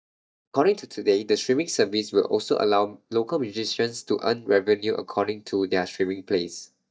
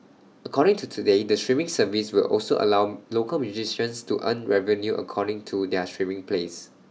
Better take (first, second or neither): second